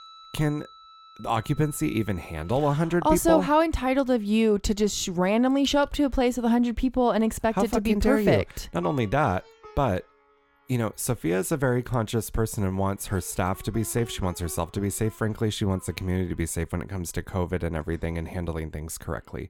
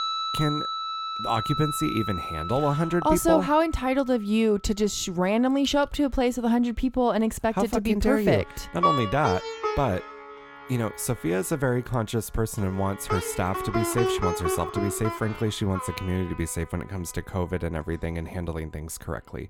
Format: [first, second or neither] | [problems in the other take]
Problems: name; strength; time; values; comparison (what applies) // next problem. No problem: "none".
first | background music; loud; throughout; 4 dB below the speech; faint in the first